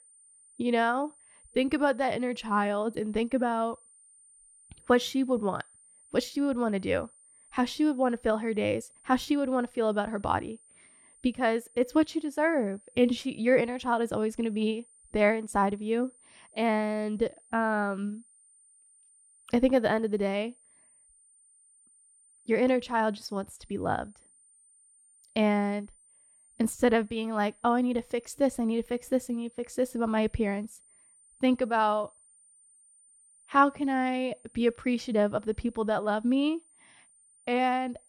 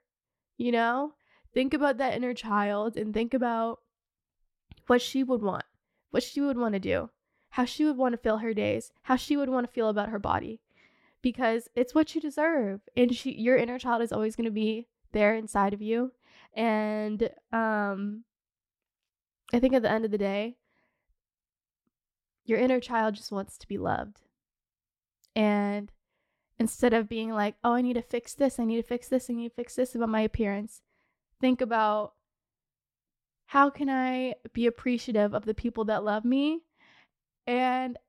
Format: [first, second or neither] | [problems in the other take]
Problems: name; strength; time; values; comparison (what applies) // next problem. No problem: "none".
second | high-pitched whine; faint; throughout; 9 kHz, 30 dB below the speech